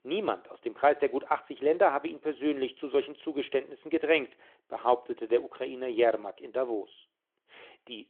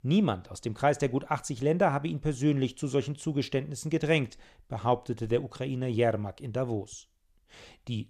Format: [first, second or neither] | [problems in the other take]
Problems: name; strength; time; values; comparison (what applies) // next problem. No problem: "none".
second | phone-call audio